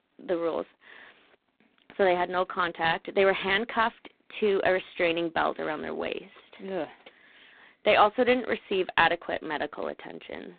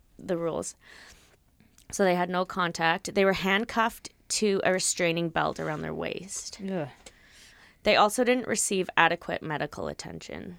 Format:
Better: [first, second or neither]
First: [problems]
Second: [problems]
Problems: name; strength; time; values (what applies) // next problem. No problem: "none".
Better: second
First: phone-call audio; poor line; nothing above 4 kHz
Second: none